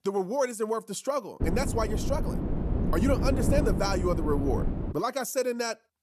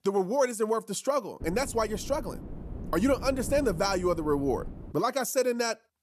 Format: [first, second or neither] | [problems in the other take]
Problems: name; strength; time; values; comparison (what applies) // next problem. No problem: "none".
second | wind noise on the microphone; heavy; from 1.5 to 5 s; 7 dB below the speech; occasional gusts in the second